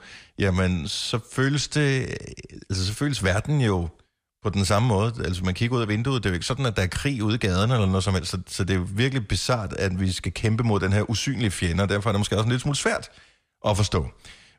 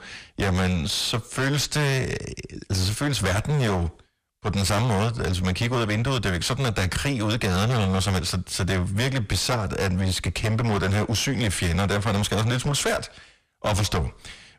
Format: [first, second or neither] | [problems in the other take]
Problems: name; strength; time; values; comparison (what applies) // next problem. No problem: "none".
first | distortion; heavy; 26% of the sound clipped